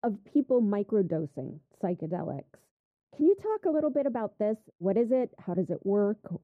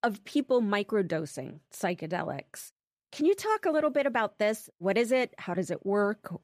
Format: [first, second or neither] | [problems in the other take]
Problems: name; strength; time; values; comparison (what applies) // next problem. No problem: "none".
second | muffled; very; fading above 1 kHz